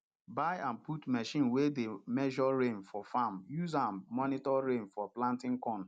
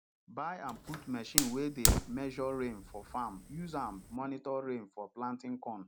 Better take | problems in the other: first | background sound (Fire); 3 dB above the speech

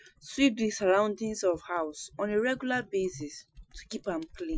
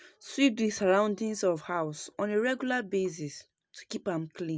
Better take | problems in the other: second | noise reduction (classical method Wiener filter)

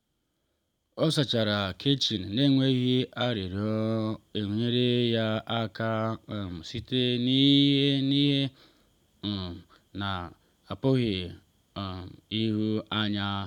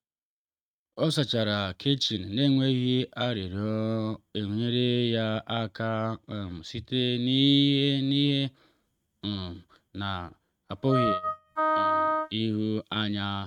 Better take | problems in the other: first | noise reduction (neural mask model RNNoise)

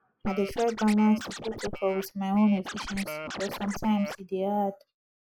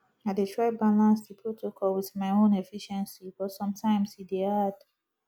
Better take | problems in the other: second | noise reduction (neural mask model Resemble Enhance denoiser)

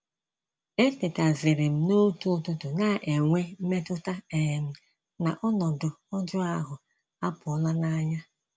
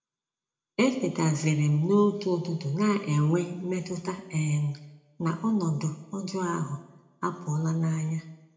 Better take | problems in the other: first | room echo; dies away in 0.6 s

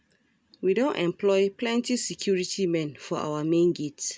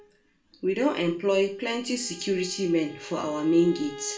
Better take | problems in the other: first | background sound (Bowed string instrument); 19 dB below the speech // room echo; dies away in 0.3 s

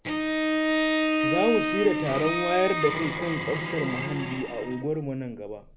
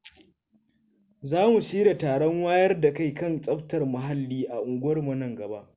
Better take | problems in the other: second | background sound (Bowed string instrument); as loud as the speech

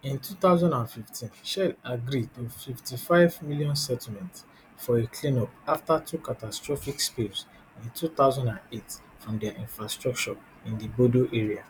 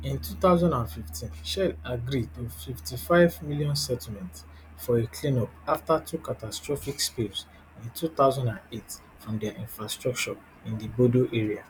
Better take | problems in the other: first | background sound (Piano); 17 dB below the speech

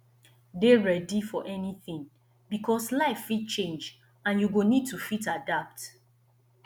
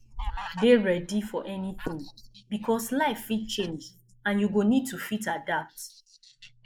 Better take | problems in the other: first | noise reduction (neural mask model Resemble Enhance denoiser)

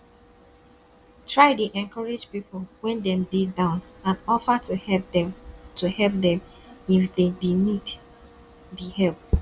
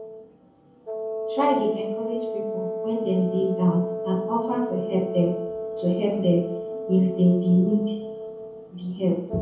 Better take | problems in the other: first | background sound (Wind instrument, woodwind instrument); 7 dB below the speech // room echo; dies away in 0.7 s

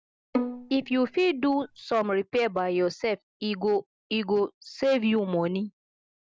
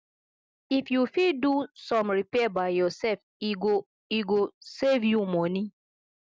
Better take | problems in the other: second | background sound (Bowed string instrument); 7 dB below the speech

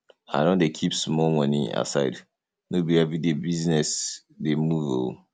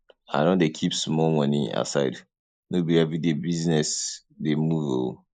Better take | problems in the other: first | noise reduction (neural mask model Resemble Enhance denoiser)

